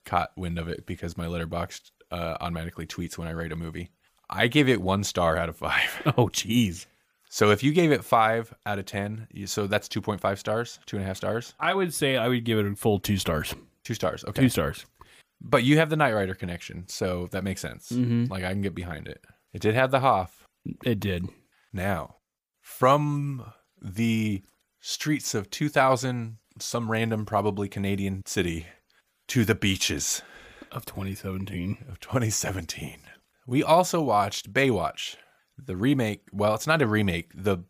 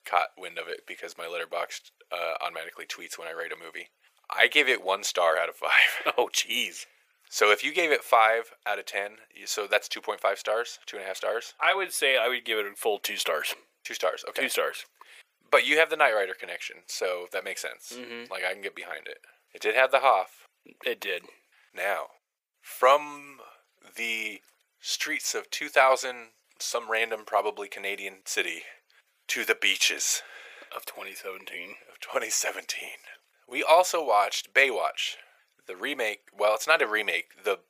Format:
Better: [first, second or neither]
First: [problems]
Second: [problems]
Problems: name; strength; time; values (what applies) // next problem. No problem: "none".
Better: first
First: none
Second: thin; very; fading below 500 Hz